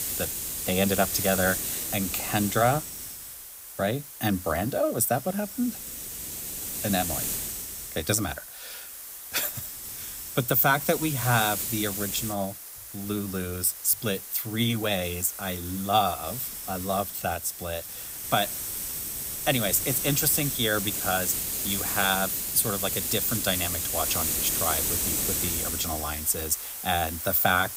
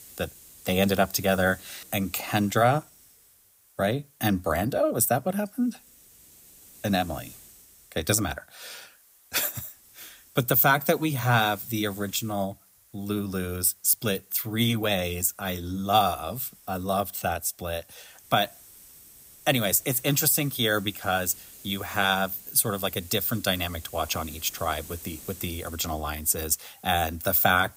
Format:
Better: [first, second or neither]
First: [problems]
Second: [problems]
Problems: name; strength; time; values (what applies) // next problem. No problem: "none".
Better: second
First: hiss; loud; throughout; 3 dB below the speech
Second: hiss; faint; throughout; 20 dB below the speech